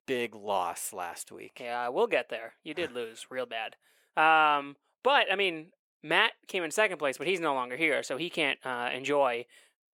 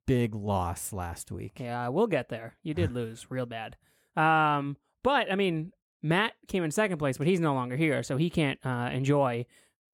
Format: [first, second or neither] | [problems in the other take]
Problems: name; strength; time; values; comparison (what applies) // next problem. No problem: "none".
second | thin; very; fading below 500 Hz